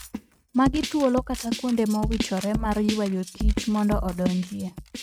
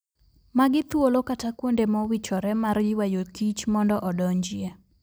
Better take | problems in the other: second | noise reduction (neural mask model RNNoise)

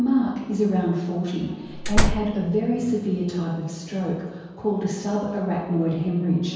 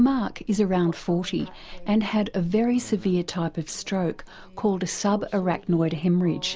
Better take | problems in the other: second | background sound (Slam); 3 dB above the speech // room echo; dies away in 1.2 s

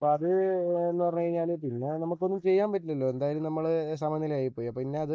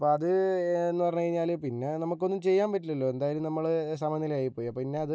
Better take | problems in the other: second | noise reduction (neural mask model DeepFilterNet 3)

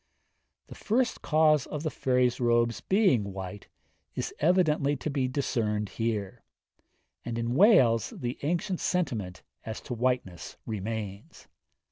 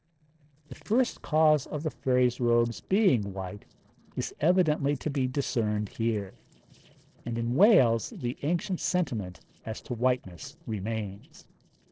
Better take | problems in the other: first | noise reduction (neural separator model SepFormer DNS4)

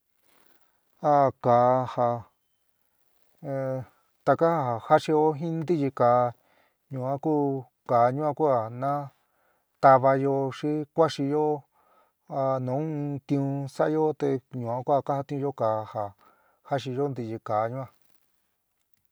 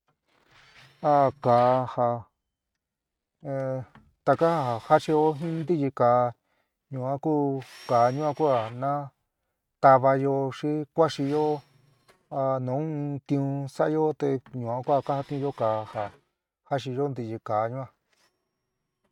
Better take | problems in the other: first | noise reduction (neural mask model RNNoise)

